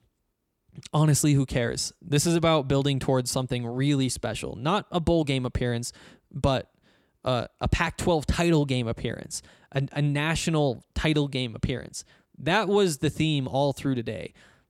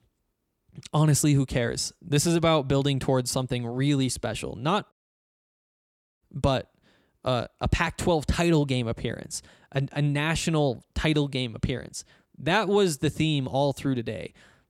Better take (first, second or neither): first